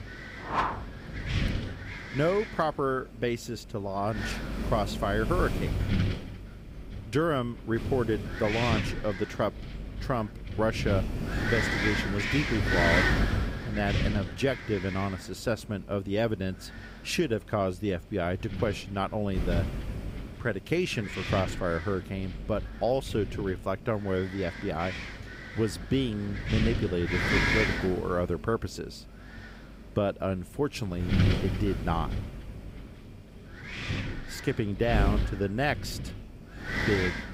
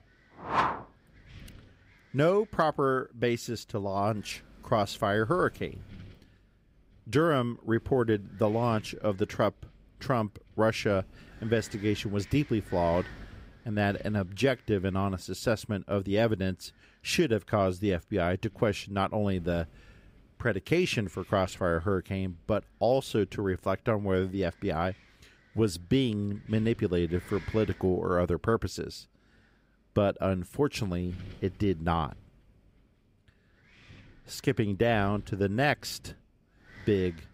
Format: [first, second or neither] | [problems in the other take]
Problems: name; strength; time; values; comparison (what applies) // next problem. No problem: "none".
second | wind noise on the microphone; heavy; 1 dB below the speech; occasional gusts in the second